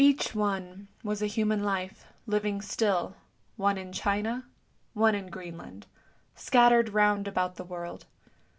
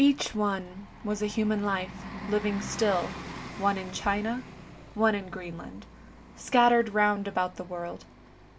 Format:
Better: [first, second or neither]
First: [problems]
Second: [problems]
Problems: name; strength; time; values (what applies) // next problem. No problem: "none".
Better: first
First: none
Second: background sound (Bus); 14 dB below the speech